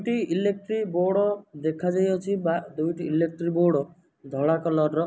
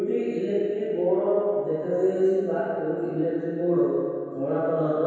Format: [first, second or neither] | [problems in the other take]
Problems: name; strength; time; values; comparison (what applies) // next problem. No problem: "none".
first | room echo; dies away in 2.2 s